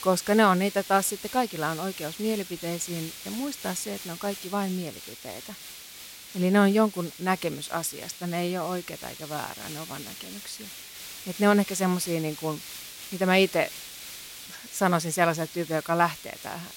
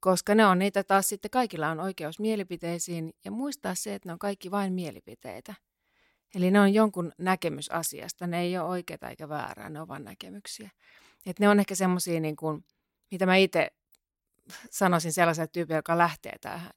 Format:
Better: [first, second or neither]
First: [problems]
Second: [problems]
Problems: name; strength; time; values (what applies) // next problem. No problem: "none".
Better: second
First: hiss; noticeable; throughout; 15 dB below the speech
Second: none